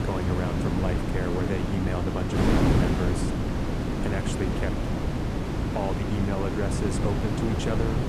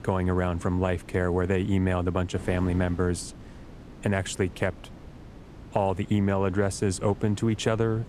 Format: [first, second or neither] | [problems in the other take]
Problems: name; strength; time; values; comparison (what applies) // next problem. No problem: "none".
second | wind noise on the microphone; heavy; 2 dB above the speech; occasional gusts in the second